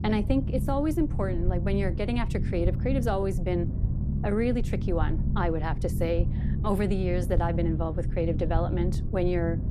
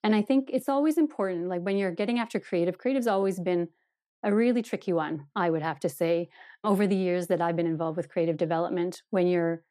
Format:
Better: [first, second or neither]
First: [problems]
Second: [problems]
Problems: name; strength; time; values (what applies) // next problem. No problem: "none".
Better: second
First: low rumble; noticeable; throughout; 10 dB below the speech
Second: none